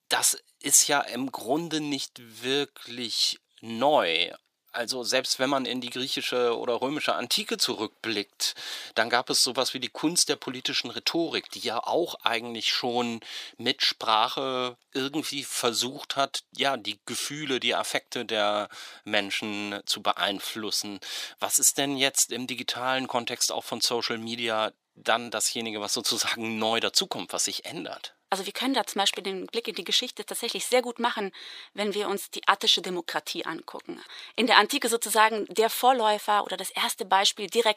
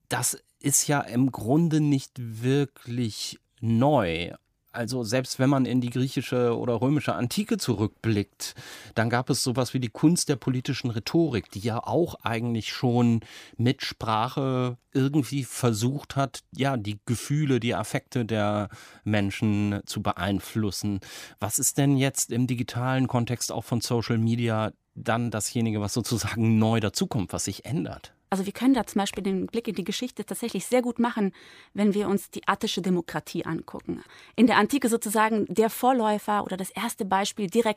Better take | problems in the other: second | thin; somewhat; fading below 500 Hz

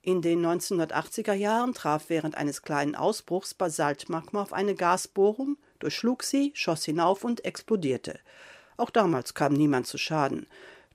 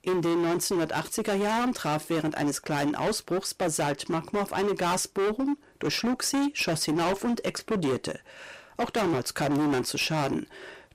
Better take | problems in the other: first | distortion; heavy; 23% of the sound clipped

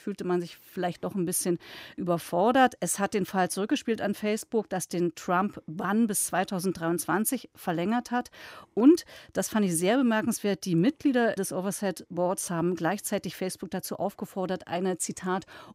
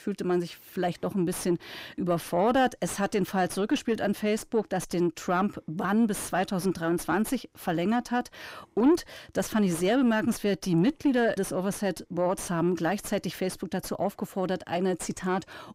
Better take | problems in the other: first | distortion; slight; 9 dB below the speech

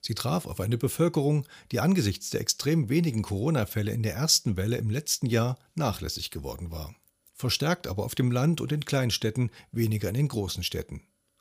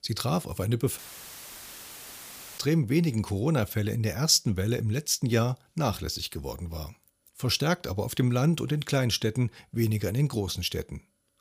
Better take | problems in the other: first | audio cutting out; filled with static; at 1 s for 1.5 s

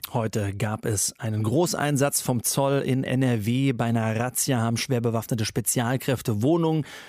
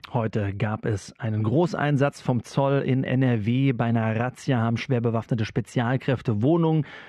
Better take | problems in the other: first | muffled; very; fading above 2.5 kHz

